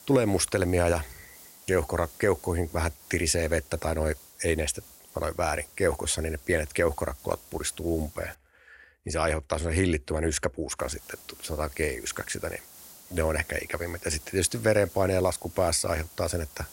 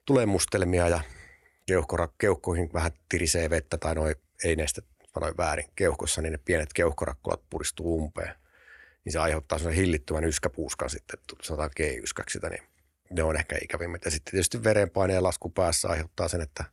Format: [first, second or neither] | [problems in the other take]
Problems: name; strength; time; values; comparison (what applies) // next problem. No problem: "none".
second | hiss; noticeable; until 8.5 s and from 11 s on; 20 dB below the speech